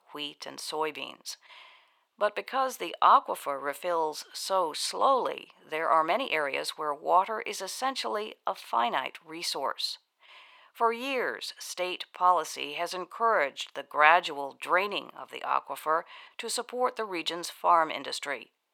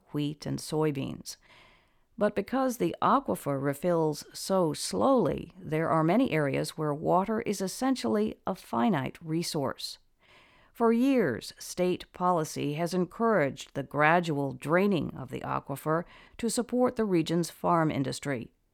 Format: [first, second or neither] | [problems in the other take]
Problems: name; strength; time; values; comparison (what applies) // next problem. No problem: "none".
second | thin; very; fading below 650 Hz